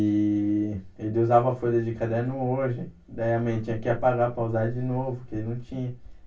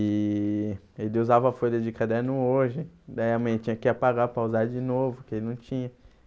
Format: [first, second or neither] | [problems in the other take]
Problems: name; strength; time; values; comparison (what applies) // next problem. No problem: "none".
second | room echo; dies away in 0.2 s